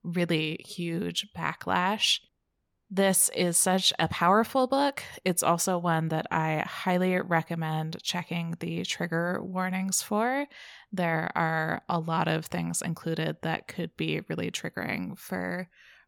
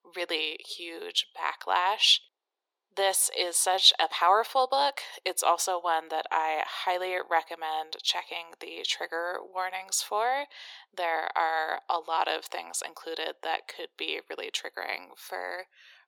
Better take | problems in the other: first | thin; very; fading below 400 Hz

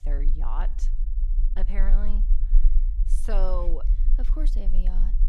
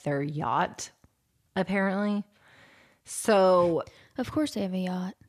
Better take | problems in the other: second | low rumble; noticeable; throughout; 15 dB below the speech

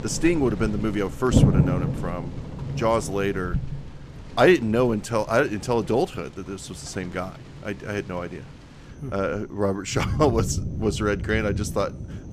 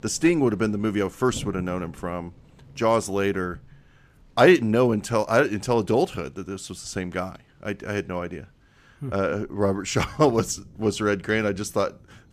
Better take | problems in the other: second | rain or running water; loud; throughout; 3 dB below the speech; faint in the second

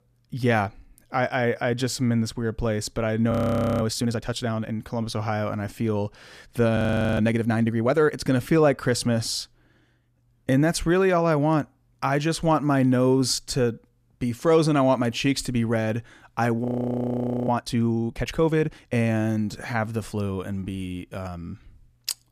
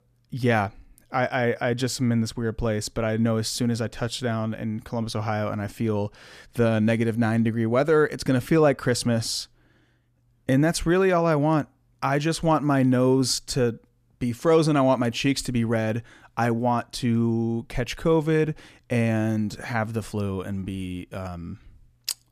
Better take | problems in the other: second | audio freezing; at 3.5 s, at 7 s and at 17 s for 1 s

